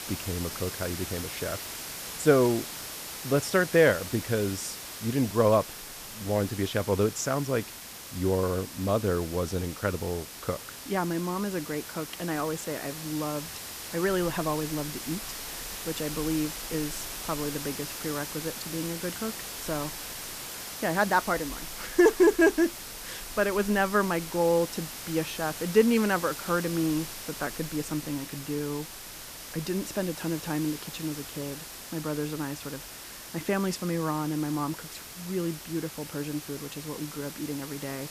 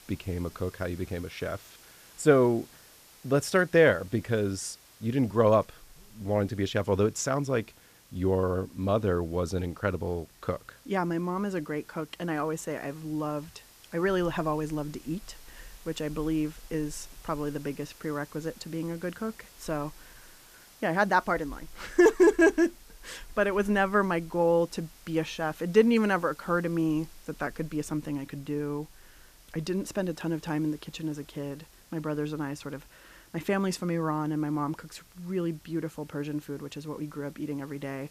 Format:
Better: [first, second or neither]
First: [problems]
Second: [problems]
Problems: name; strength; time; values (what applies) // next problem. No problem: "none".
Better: second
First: hiss; loud; throughout; 8 dB below the speech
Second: hiss; faint; throughout; 25 dB below the speech